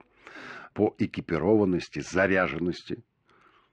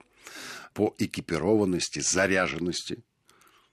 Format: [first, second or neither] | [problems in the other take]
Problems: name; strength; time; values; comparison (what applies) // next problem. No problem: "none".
second | muffled; very; fading above 2.5 kHz